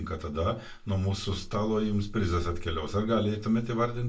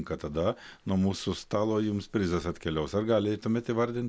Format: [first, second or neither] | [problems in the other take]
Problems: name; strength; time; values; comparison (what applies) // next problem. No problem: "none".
second | room echo; dies away in 0.2 s